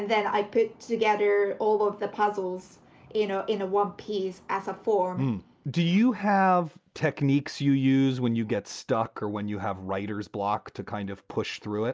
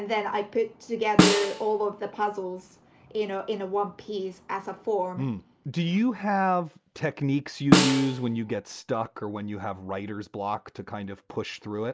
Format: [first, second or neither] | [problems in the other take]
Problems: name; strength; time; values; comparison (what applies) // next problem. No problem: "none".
first | background sound (Snare drum); 3 dB above the speech